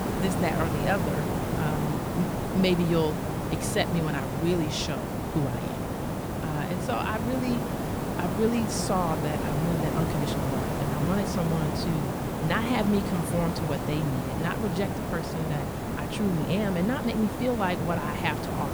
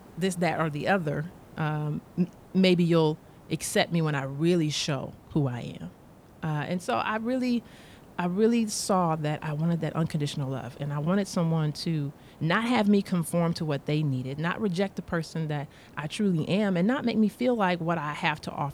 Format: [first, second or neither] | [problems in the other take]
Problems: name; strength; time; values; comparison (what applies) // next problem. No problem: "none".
second | hiss; loud; throughout; 1 dB below the speech; faint in the second